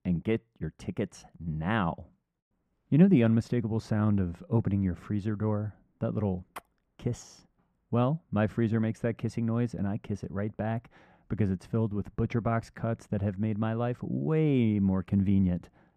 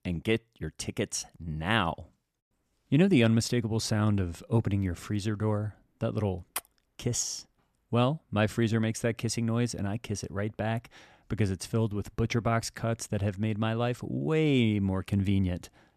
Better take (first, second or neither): second